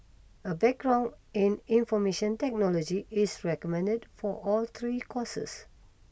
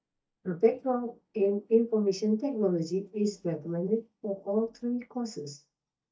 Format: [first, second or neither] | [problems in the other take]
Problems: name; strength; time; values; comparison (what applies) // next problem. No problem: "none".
first | noise reduction (neural mask model DeepFilterNet 3)